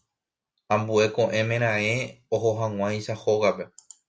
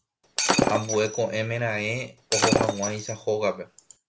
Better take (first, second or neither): first